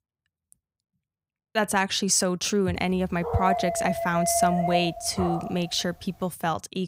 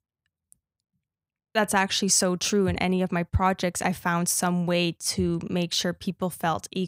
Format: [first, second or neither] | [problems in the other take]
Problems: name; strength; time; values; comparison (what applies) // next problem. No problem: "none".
second | dog barking; loud; from 3 to 5.5 s; peak 1 dB above the speech